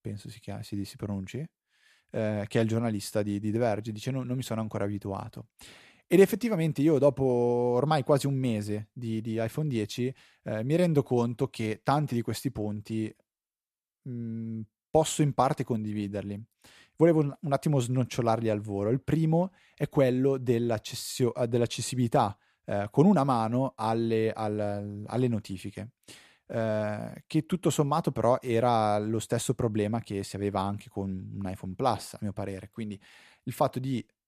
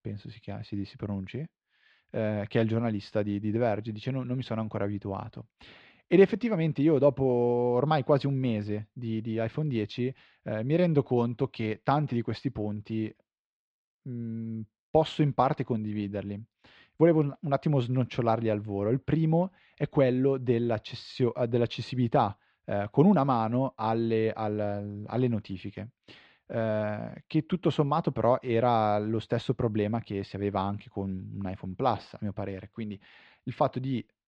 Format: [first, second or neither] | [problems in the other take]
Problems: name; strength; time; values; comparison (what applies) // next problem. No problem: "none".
first | muffled; slightly; fading above 4 kHz